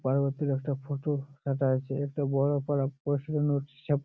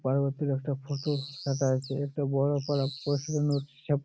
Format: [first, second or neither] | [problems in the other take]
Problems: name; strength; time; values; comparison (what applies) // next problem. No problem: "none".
first | background sound (Bird); 16 dB below the speech